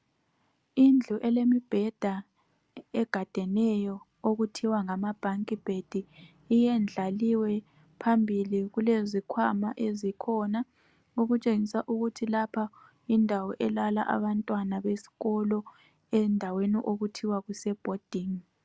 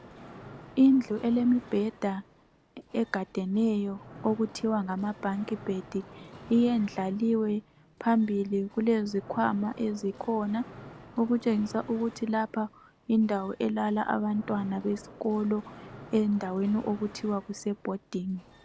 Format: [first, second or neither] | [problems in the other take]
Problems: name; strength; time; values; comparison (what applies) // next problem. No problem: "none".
first | background sound (Mechanisms); 20 dB below the speech